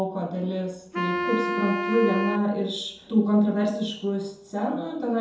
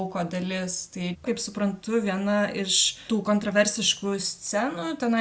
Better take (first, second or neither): second